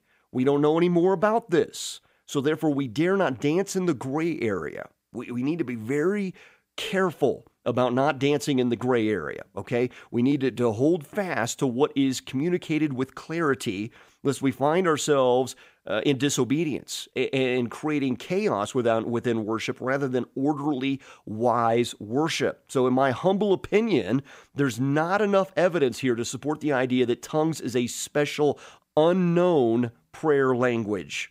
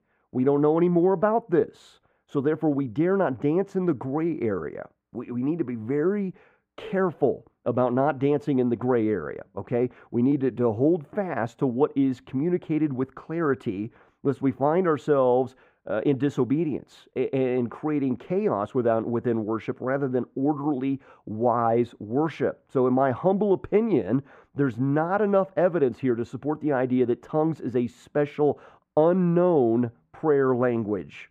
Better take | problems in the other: first | muffled; very; fading above 2.5 kHz

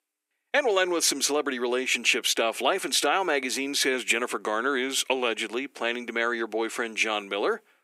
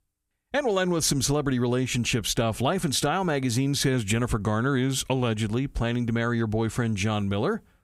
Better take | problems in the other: second | thin; somewhat; fading below 300 Hz

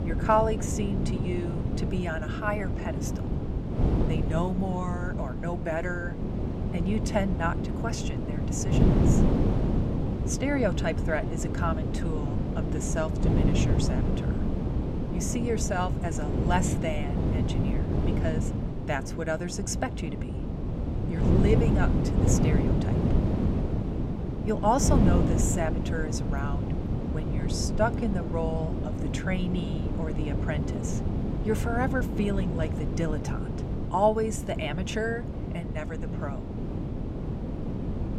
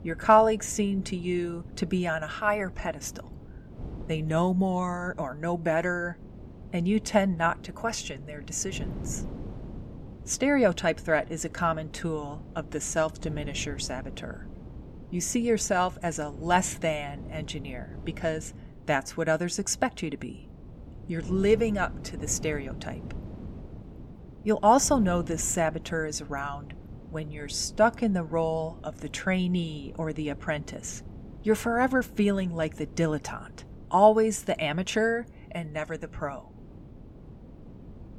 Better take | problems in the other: second | wind noise on the microphone; heavy; 5 dB below the speech; occasional gusts in the second

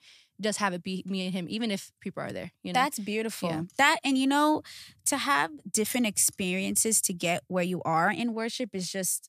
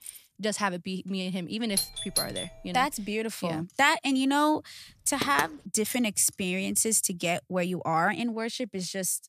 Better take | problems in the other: first | jangling keys; faint; at the start; peak 15 dB below the speech // doorbell; noticeable; at 2 s; peak 1 dB below the speech // door banging; noticeable; at 5 s; peak 6 dB below the speech

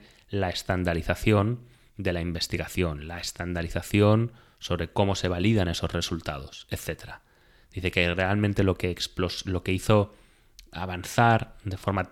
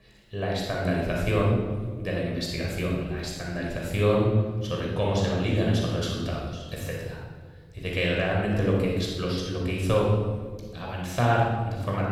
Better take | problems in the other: first | room echo; strong; dies away in 1.4 s // off-mic speech; far

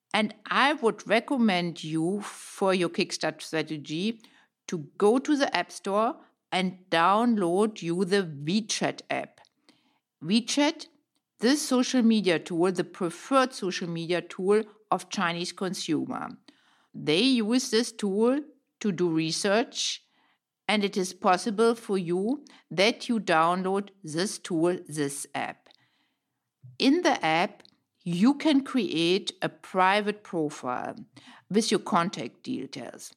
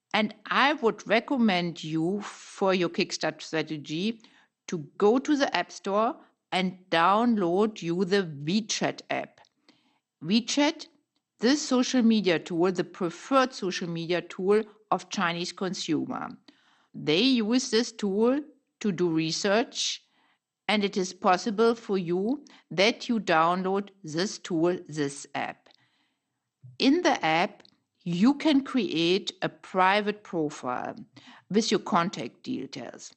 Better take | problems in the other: first | garbled, watery; slightly; nothing above 8 kHz

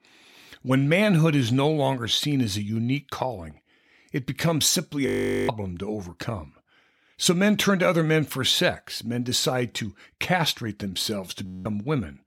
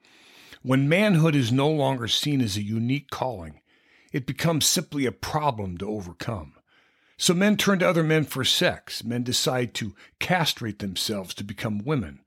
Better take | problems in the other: second | audio freezing; at 5 s and at 11 s

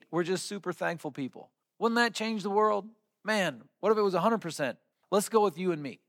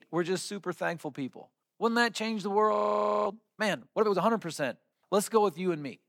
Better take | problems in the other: first | audio freezing; at 2.5 s for 0.5 s

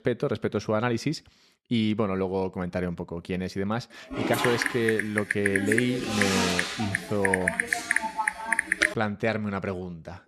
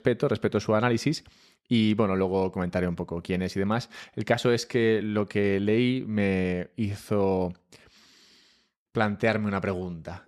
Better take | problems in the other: second | keyboard typing; loud; from 4 to 9 s; peak 5 dB above the speech

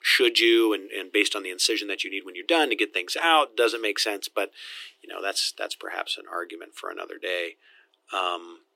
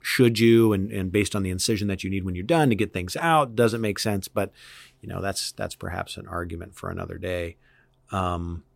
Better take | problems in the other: second | thin; very; fading below 300 Hz

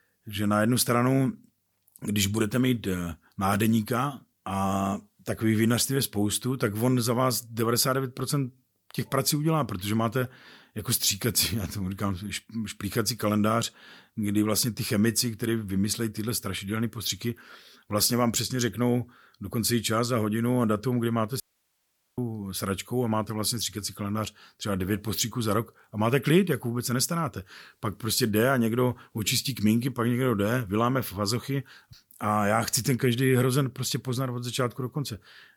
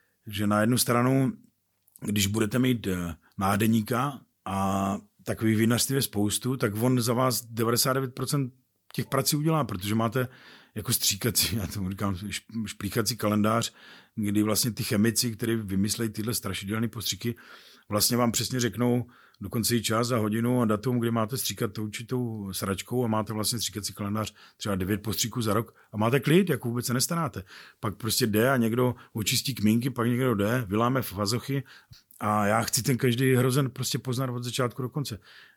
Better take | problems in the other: second | audio cutting out; at 21 s for 1 s

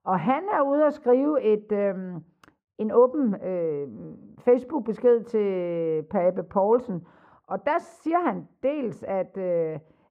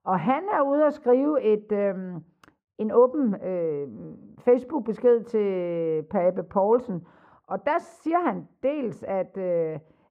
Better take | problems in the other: neither | muffled; very; fading above 2.5 kHz; the same in both

